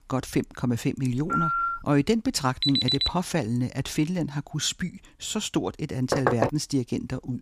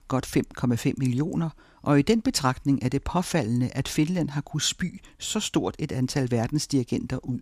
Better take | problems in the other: second | phone ringing; loud; at 1 s; peak 3 dB above the speech // alarm; loud; at 2.5 s; peak 5 dB above the speech // door banging; loud; at 6 s; peak 2 dB above the speech

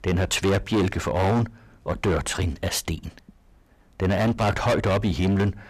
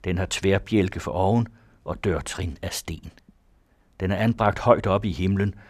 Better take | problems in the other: second | distortion; heavy; 16% of the sound clipped

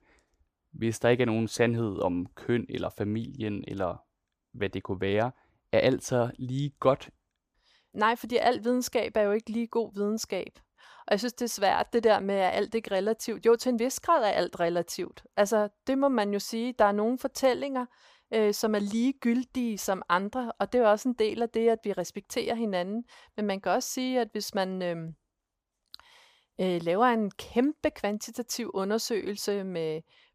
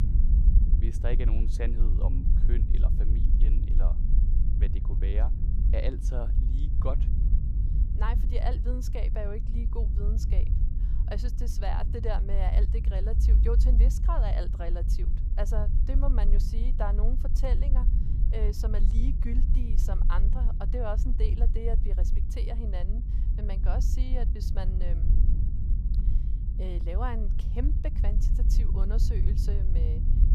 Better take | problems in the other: first | low rumble; loud; throughout; 7 dB below the speech

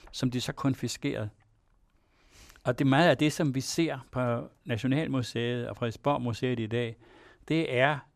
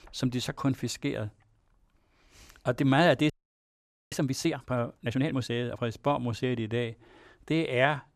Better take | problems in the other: first | audio freezing; at 3.5 s for 1 s

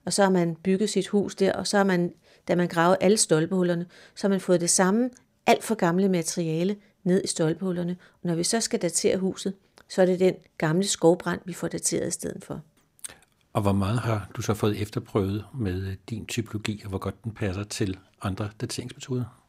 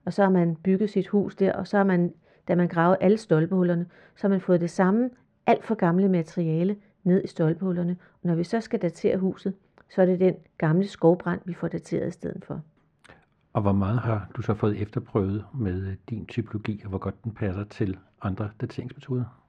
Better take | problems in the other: first | muffled; very; fading above 2 kHz

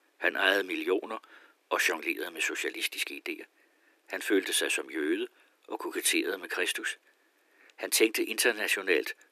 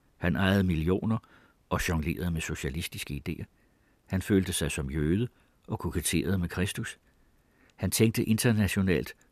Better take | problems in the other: second | thin; very; fading below 300 Hz

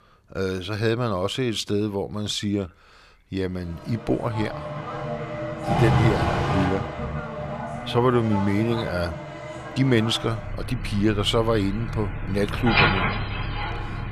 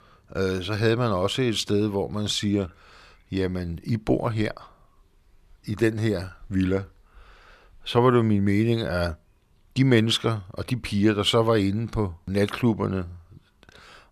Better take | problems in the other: second | traffic noise; loud; from 4 s on; 2 dB below the speech

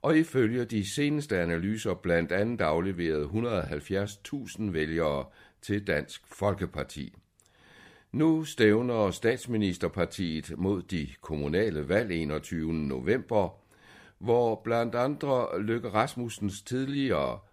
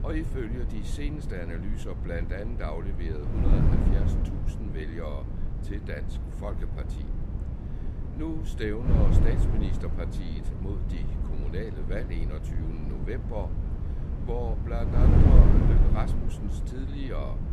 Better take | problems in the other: first | wind noise on the microphone; heavy; 1 dB below the speech

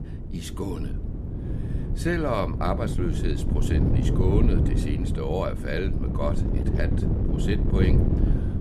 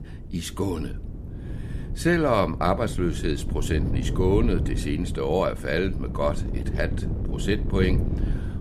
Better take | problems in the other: second | wind noise on the microphone; heavy; 4 dB below the speech; occasional gusts in the second

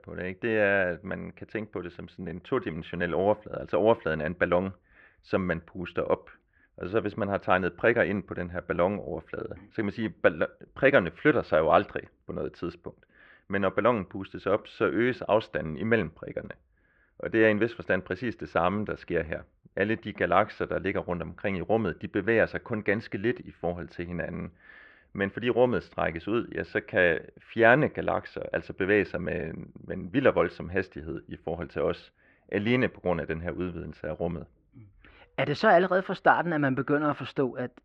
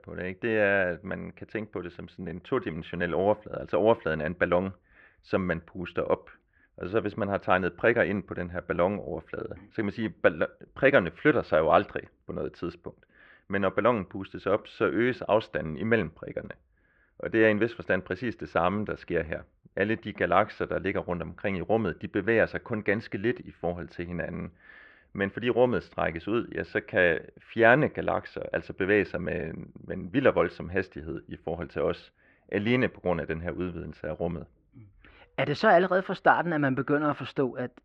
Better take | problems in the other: neither | muffled; very; fading above 2.5 kHz; the same in both

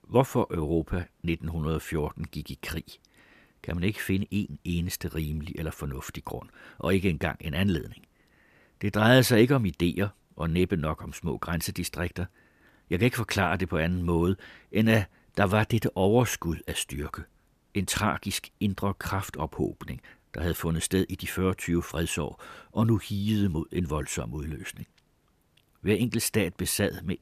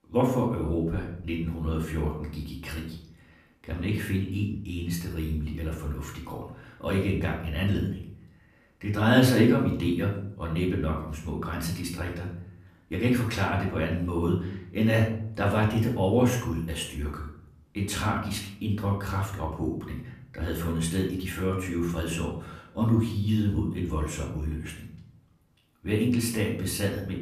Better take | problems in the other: first | off-mic speech; far // room echo; noticeable; dies away in 0.5 s

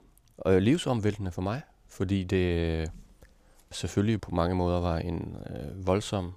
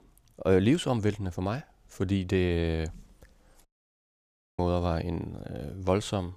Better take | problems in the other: first | audio cutting out; at 3.5 s for 1 s

